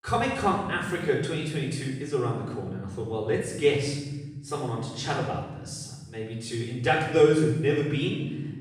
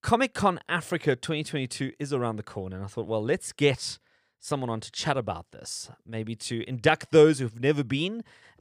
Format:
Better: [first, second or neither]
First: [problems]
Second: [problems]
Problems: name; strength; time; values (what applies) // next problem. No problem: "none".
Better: second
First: off-mic speech; far // room echo; noticeable; dies away in 1.6 s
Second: none